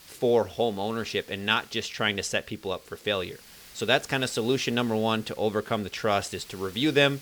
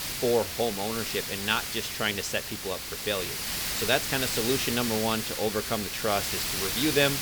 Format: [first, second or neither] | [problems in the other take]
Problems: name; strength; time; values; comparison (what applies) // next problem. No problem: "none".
first | hiss; loud; throughout; 1 dB below the speech; faint in the first